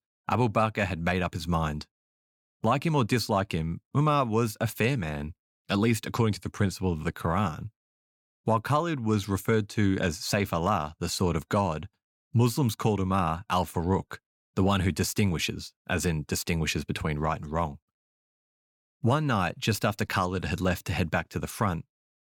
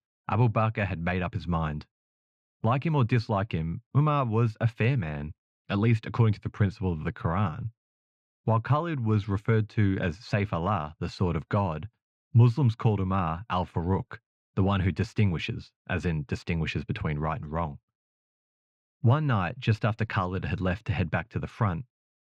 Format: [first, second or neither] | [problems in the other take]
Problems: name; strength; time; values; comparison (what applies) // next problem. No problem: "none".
first | muffled; slightly; fading above 2.5 kHz